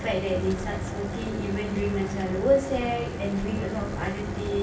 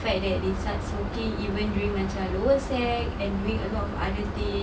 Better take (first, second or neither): second